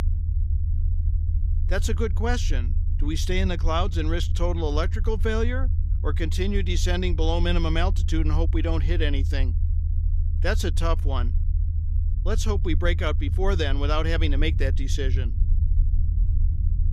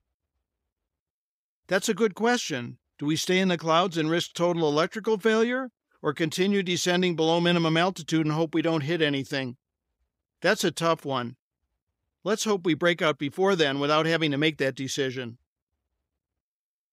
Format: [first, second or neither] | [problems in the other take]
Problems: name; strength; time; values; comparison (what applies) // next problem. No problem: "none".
second | low rumble; noticeable; throughout; 15 dB below the speech